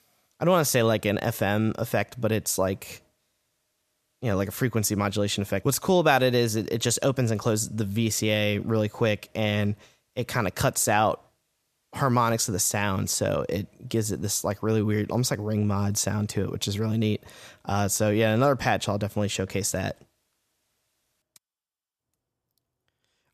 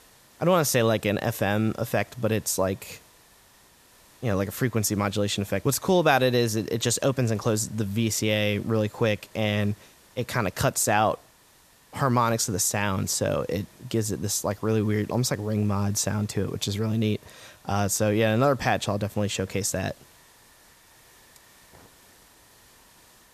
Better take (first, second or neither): first